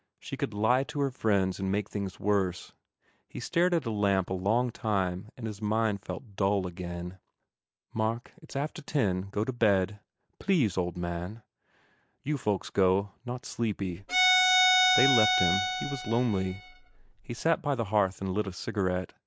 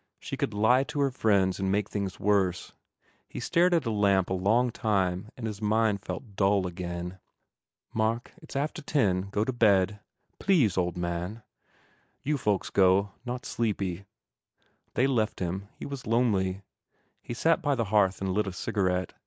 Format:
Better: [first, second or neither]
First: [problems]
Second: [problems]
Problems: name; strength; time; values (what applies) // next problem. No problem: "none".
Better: second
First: background sound (Bowed string instrument); 3 dB above the speech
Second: none